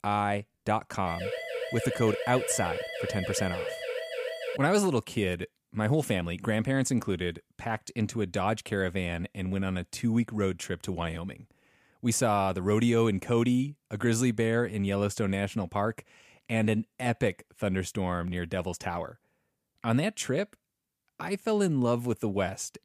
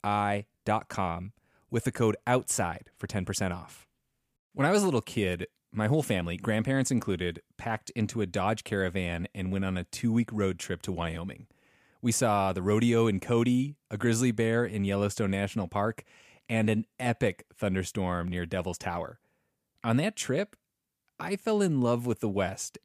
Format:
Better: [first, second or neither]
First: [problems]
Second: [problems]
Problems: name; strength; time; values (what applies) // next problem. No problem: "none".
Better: second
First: siren; noticeable; from 1 to 4.5 s; peak 4 dB below the speech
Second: none